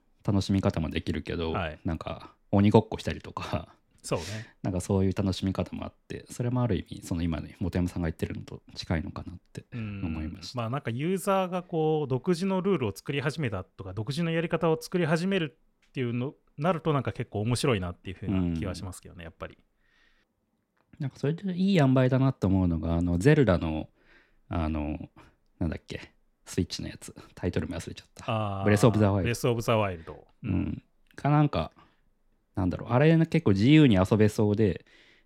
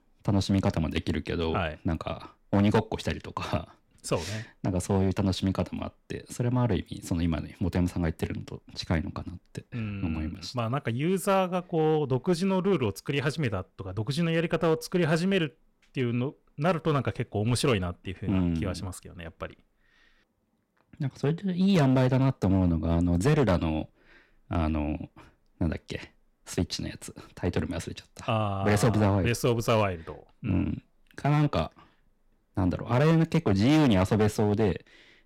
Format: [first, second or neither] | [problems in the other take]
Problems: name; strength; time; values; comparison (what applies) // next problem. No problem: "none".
first | distortion; slight; 4% of the sound clipped